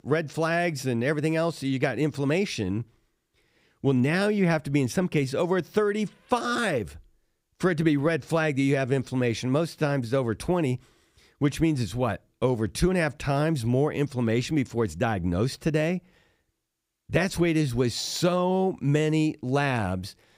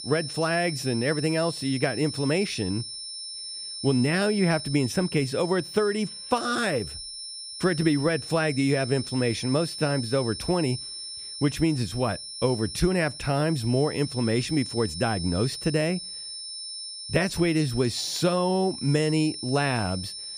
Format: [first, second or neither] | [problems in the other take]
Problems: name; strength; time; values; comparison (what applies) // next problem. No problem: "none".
first | high-pitched whine; loud; throughout; 5.5 kHz, 9 dB below the speech